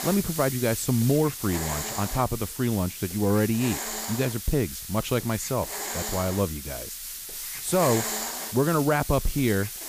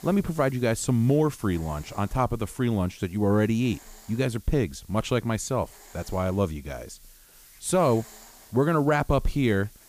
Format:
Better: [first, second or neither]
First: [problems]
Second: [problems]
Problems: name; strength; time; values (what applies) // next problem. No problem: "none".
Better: second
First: hiss; loud; throughout; 6 dB below the speech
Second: hiss; faint; throughout; 25 dB below the speech